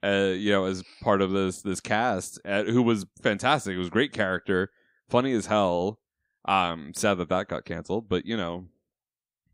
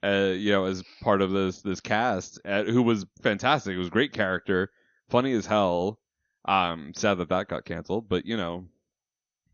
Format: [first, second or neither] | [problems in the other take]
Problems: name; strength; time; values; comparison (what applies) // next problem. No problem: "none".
first | garbled, watery; slightly; nothing above 6.5 kHz